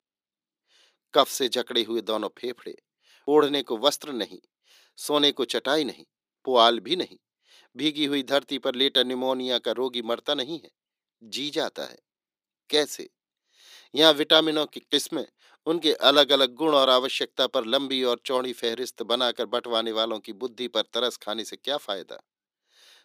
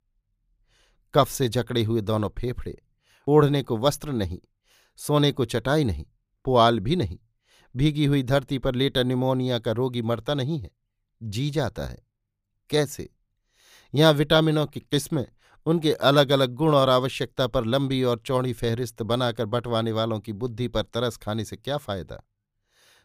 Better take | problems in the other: second | thin; somewhat; fading below 300 Hz

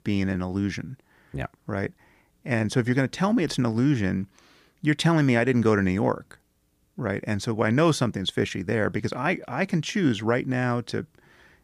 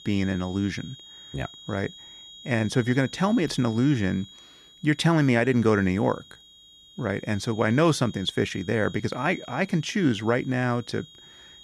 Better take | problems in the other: first | high-pitched whine; faint; throughout; 3.5 kHz, 20 dB below the speech

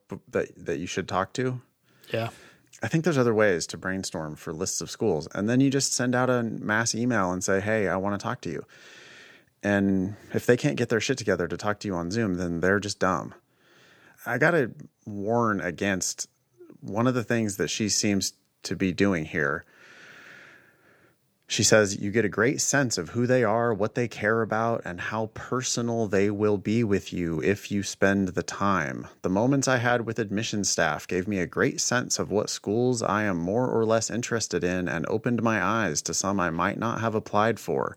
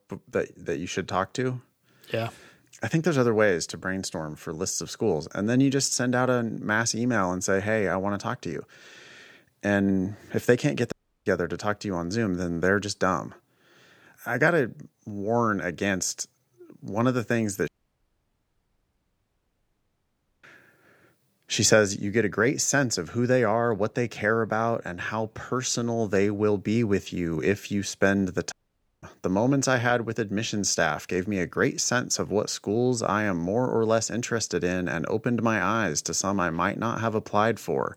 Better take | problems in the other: first | audio cutting out; at 11 s, at 18 s for 3 s and at 29 s for 0.5 s

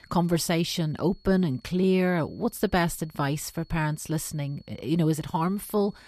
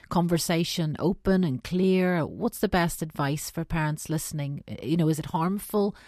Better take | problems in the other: second | high-pitched whine; faint; throughout; 4.5 kHz, 30 dB below the speech

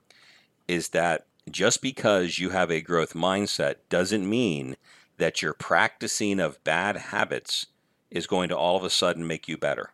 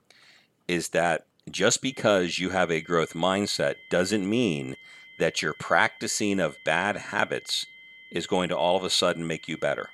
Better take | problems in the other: first | high-pitched whine; faint; from 2 s on; 2 kHz, 20 dB below the speech

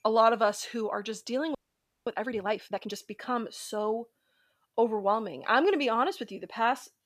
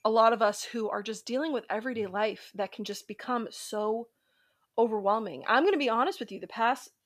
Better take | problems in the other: second | audio freezing; at 1.5 s for 0.5 s

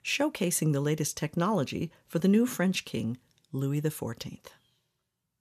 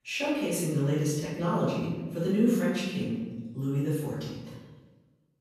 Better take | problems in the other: first | off-mic speech; far // room echo; strong; dies away in 1.1 s

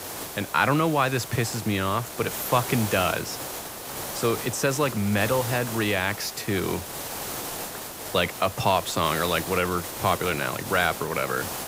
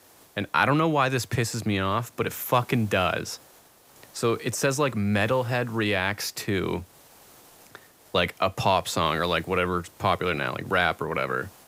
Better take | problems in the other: second | hiss; loud; throughout; 8 dB below the speech; faint in the second

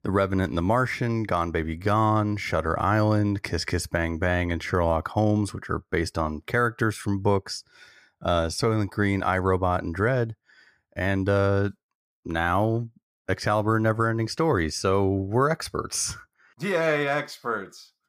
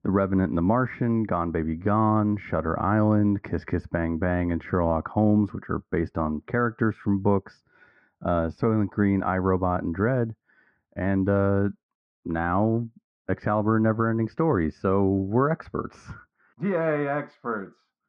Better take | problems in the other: first | muffled; very; fading above 1.5 kHz

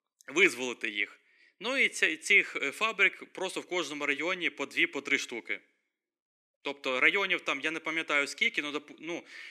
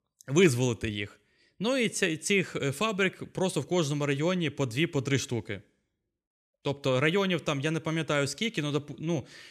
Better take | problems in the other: second | thin; somewhat; fading below 300 Hz

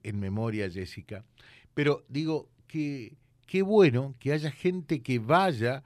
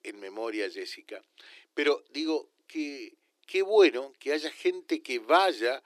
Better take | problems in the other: first | thin; very; fading below 300 Hz

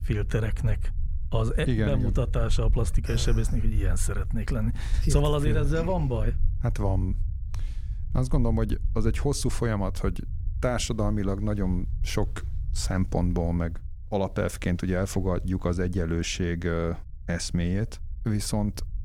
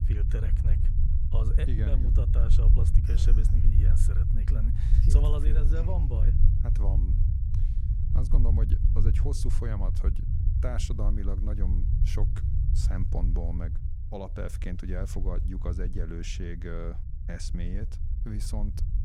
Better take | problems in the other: first | low rumble; loud; throughout; 3 dB below the speech; faint in the first

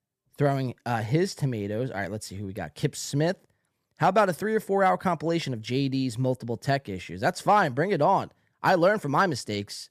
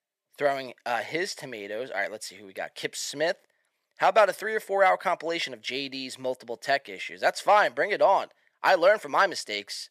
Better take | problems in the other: first | thin; very; fading below 450 Hz

